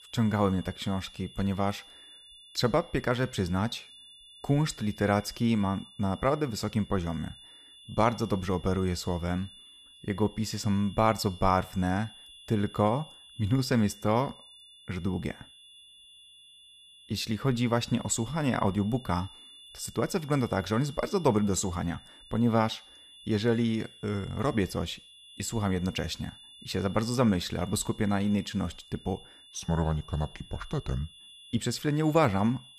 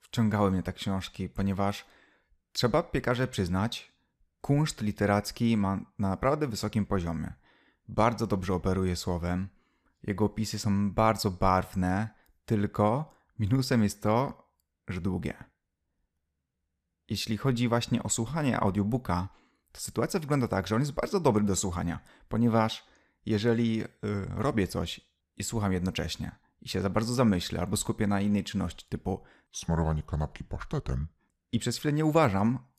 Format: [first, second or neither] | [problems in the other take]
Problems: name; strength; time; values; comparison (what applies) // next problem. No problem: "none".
second | high-pitched whine; faint; throughout; 3.5 kHz, 20 dB below the speech